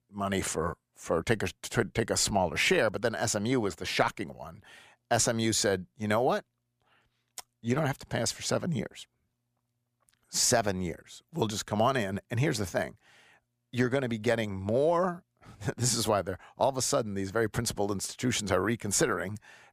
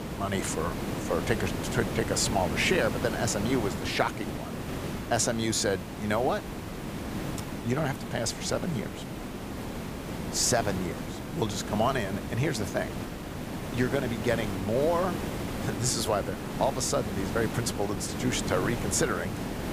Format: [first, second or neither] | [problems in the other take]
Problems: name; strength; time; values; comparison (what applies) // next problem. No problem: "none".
first | hiss; loud; throughout; 5 dB below the speech